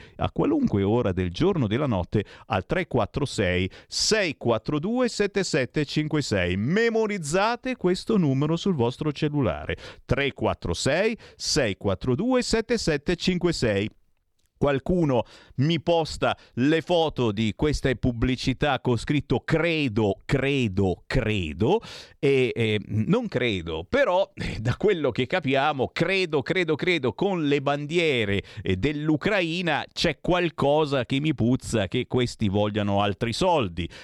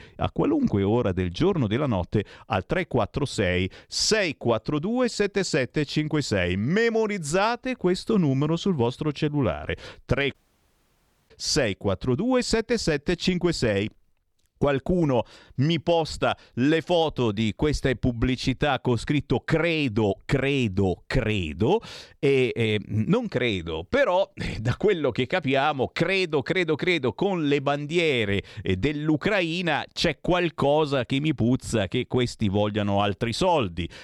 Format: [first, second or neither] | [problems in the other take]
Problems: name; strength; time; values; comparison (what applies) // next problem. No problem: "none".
first | audio cutting out; at 10 s for 1 s